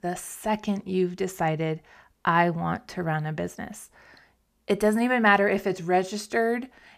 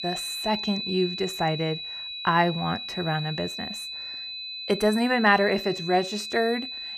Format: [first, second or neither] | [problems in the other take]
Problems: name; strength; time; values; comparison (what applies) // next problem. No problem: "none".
first | high-pitched whine; loud; throughout; 4 kHz, 7 dB below the speech